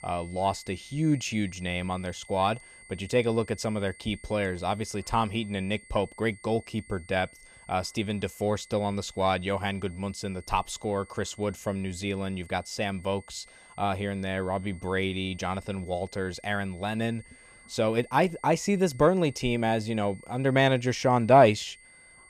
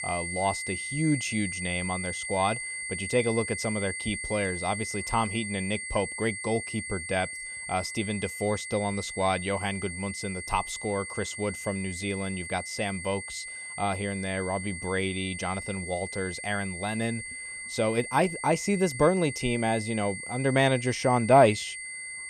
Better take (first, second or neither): first